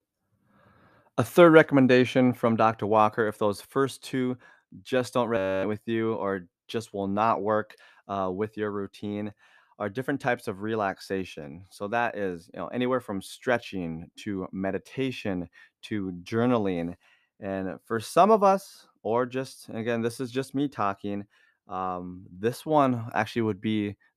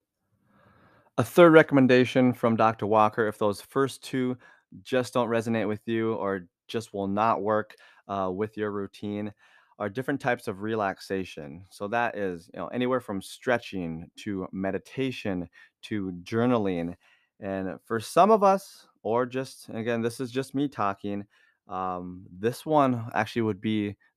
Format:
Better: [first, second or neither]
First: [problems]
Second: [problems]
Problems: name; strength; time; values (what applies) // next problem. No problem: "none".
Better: second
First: audio freezing; at 5.5 s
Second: none